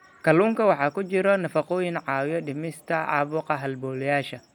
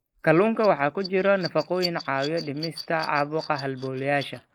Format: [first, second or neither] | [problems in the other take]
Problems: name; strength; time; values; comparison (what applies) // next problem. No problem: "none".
first | noise reduction (neural mask model Resemble Enhance denoiser)